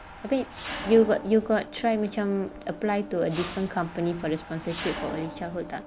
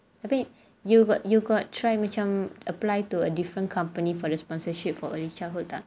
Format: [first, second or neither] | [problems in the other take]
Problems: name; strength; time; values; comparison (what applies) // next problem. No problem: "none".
second | background sound (Mechanisms); 13 dB below the speech